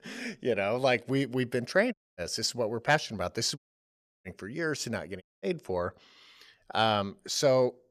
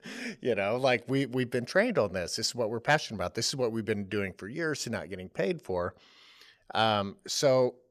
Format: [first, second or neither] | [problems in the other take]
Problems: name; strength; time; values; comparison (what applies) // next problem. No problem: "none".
second | audio cutting out; at 2 s, at 3.5 s for 0.5 s and at 5 s